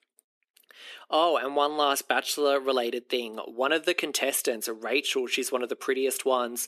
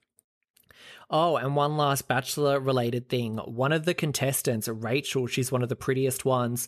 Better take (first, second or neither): second